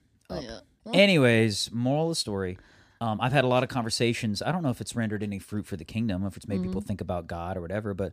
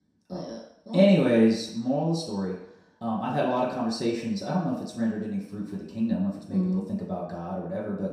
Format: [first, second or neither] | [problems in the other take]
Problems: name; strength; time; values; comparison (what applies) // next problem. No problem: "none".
first | room echo; noticeable; dies away in 0.7 s // off-mic speech; far